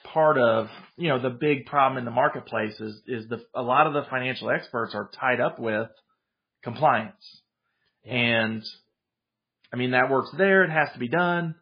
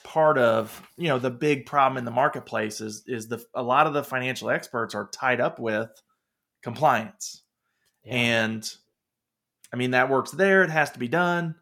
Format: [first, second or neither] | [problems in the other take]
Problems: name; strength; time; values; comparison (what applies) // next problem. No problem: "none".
second | garbled, watery; badly; nothing above 5 kHz